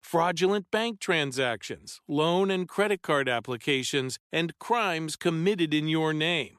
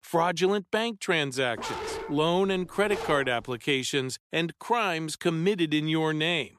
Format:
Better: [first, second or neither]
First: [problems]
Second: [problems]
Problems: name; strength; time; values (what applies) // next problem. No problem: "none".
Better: first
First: none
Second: dog barking; noticeable; from 1.5 to 3.5 s; peak 7 dB below the speech